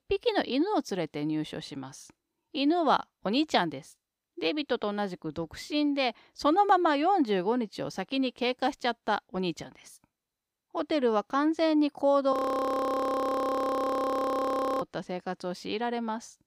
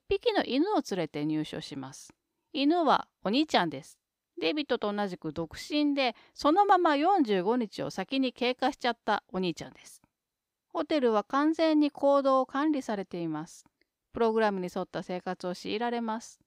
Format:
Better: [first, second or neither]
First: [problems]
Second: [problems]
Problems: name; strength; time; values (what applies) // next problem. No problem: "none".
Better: second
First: audio freezing; at 12 s for 2.5 s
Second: none